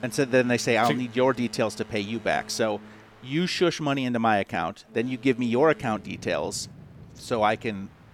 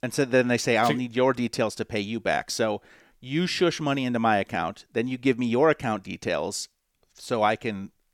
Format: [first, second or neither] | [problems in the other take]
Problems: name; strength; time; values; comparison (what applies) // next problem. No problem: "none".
second | train or aircraft noise; faint; throughout; 20 dB below the speech